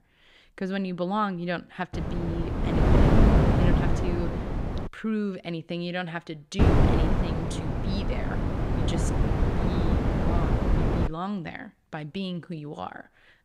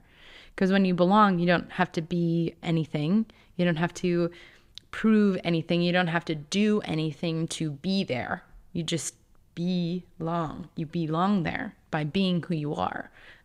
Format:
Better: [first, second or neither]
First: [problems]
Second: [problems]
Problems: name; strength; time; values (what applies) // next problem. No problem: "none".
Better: second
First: wind noise on the microphone; heavy; from 2 to 5 s and from 6.5 to 11 s; 4 dB above the speech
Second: none